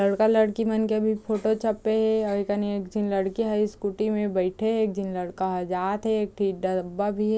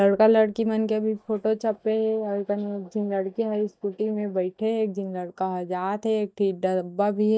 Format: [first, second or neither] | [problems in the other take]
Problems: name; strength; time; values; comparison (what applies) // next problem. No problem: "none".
first | noise reduction (neural mask model DeepFilterNet 3)